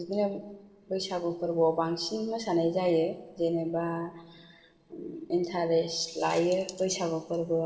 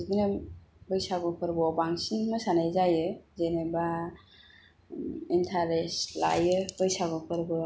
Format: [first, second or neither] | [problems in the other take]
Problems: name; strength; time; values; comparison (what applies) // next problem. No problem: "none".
second | noise reduction (neural separator model SepFormer DNS4)